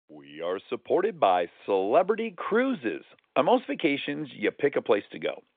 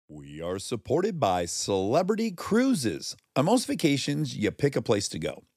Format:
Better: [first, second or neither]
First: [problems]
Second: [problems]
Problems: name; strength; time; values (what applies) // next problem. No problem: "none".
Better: second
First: phone-call audio; nothing above 3.5 kHz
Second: none